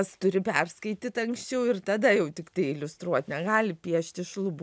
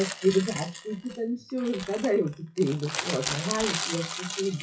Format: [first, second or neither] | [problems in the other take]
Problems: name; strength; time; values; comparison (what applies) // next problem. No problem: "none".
first | noise reduction (classical method WPE with log-MMSE)